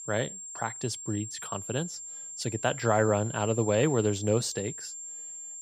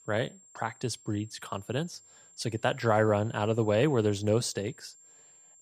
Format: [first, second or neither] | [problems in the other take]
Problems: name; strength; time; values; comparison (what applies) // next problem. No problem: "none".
second | high-pitched whine; loud; throughout; 7.5 kHz, 9 dB below the speech; faint in the second